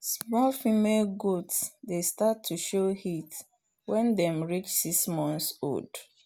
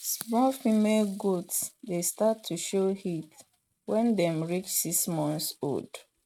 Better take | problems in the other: first | noise reduction (neural mask model RNNoise)

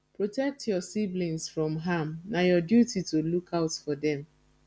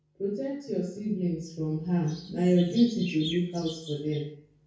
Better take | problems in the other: first | background sound (Chirp, tweet); 15 dB below the speech // room echo; dies away in 0.5 s

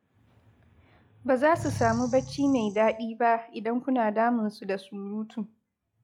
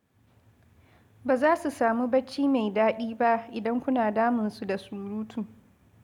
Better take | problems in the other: second | noise reduction (classical method log-MMSE)

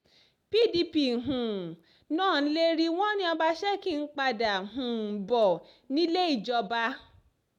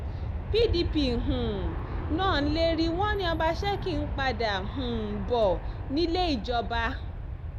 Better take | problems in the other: first | background sound (Aircraft); 3 dB below the speech

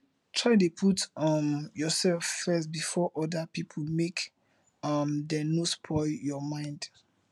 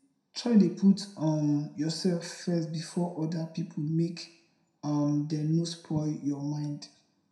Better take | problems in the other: first | room echo; dies away in 0.5 s

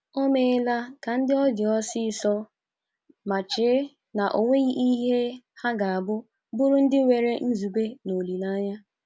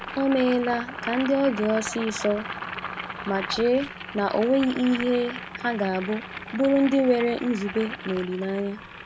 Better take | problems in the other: first | background sound (Boiling); 11 dB below the speech

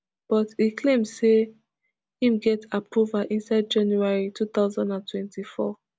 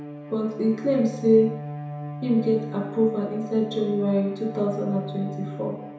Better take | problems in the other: first | background sound (Bowed string instrument); 11 dB below the speech // room echo; dies away in 0.7 s

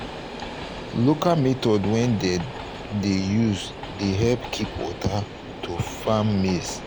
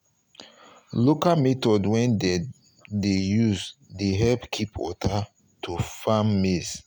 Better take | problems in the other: second | background sound (Train); 11 dB below the speech

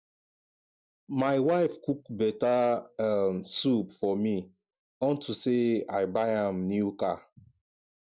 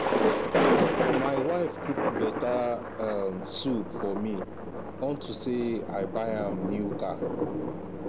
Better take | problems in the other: first | background sound (Thunder); 3 dB above the speech

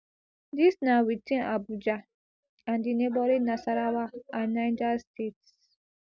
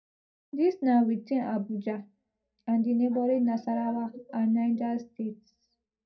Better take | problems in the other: first | room echo; dies away in 0.2 s

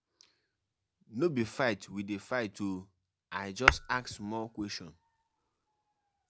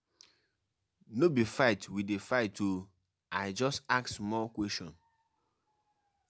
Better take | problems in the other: second | background sound (Tap / Hammer); 3 dB above the speech

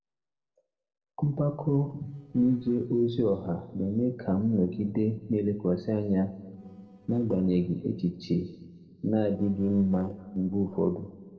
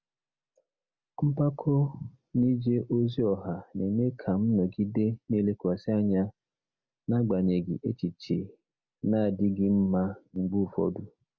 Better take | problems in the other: second | noise reduction (neural separator model SepFormer DNS4)

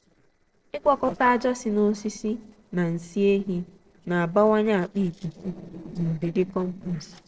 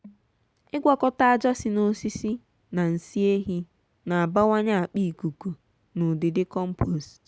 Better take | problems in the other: second | noise reduction (neural separator model SepFormer DNS4)

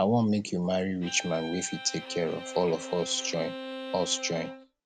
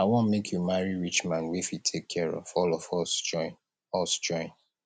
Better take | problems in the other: second | background sound (Bowed string instrument); 11 dB below the speech

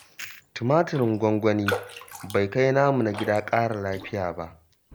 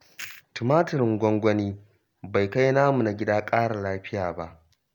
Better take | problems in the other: second | background sound (Raindrop); 14 dB below the speech

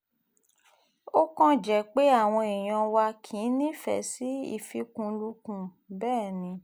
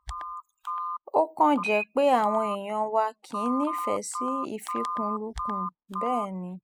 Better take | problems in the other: first | noise reduction (classical method spectral subtraction)

